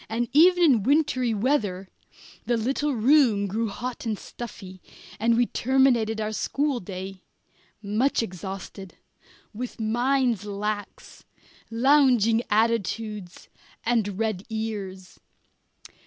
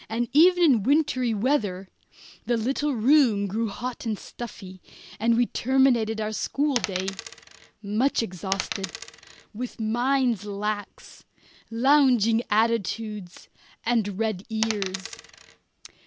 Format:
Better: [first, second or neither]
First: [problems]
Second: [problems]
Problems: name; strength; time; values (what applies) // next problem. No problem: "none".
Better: first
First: none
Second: background sound (Coin (dropping)); 9 dB below the speech